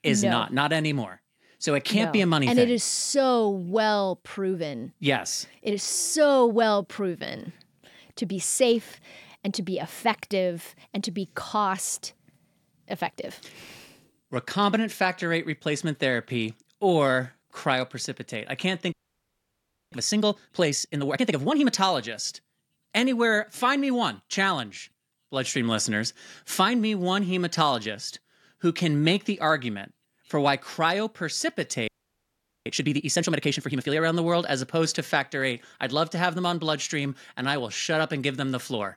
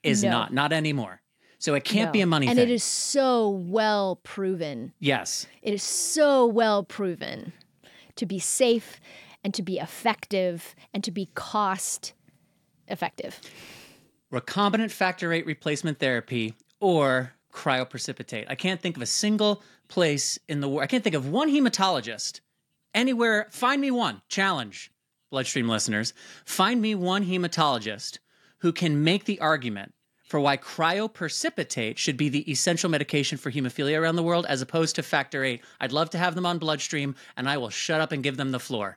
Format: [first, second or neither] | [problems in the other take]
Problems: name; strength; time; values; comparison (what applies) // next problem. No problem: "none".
second | audio freezing; at 19 s for 1 s and at 32 s for 1 s